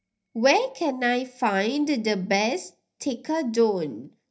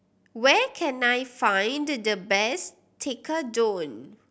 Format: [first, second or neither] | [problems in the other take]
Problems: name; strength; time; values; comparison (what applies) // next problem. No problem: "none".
second | noise reduction (neural mask model DeepFilterNet 3)